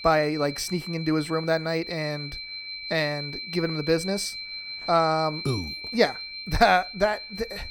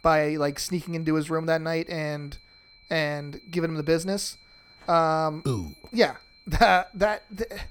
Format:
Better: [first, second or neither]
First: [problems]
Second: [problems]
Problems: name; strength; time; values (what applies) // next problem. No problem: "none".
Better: second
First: high-pitched whine; loud; throughout; 4 kHz, 8 dB below the speech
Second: high-pitched whine; faint; throughout; 4 kHz, 25 dB below the speech